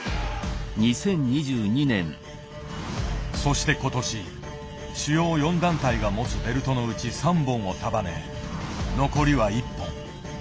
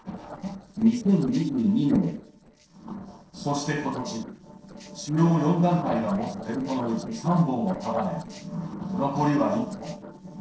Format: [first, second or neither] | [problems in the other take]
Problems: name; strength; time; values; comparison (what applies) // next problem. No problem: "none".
first | noise reduction (neural separator model SepFormer DNS4)